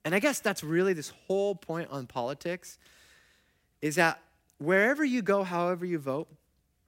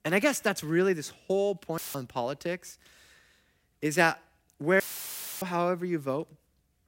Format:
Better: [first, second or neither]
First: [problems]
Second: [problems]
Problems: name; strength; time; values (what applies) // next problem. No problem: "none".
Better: first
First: none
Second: audio cutting out; filled with static; at 2 s and at 5 s for 0.5 s